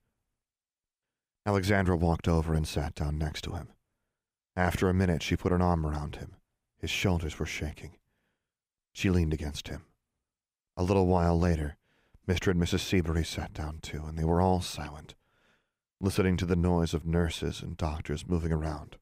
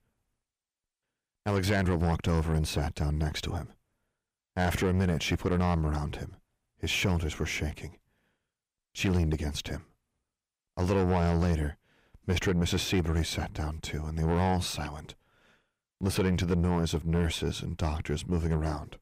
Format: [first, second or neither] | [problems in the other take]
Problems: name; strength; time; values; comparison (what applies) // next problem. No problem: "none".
first | distortion; slight; 10 dB below the speech